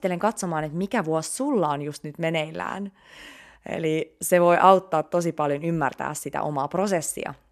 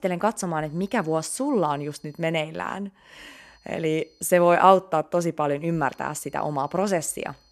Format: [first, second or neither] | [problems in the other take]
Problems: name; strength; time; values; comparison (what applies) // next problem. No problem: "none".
first | high-pitched whine; faint; from 0.5 to 2.5 s, from 3 to 4.5 s and from 5.5 s on; 4.5 kHz, 35 dB below the speech